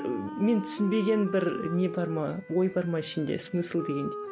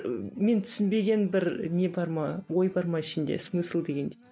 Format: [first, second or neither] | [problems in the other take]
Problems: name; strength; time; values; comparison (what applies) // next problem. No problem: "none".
second | background sound (Wind instrument, woodwind instrument); 10 dB below the speech